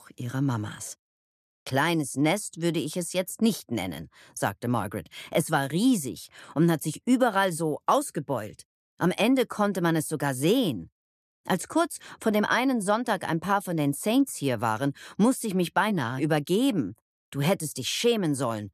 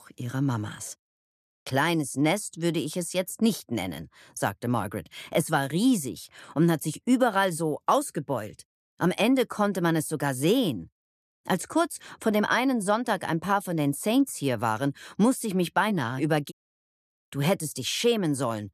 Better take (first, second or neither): first